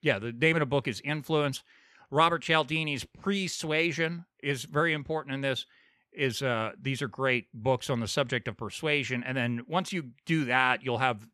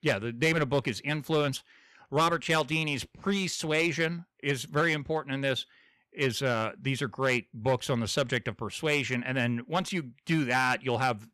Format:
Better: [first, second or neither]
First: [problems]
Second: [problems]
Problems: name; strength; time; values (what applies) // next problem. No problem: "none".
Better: first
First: none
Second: distortion; slight; 4% of the sound clipped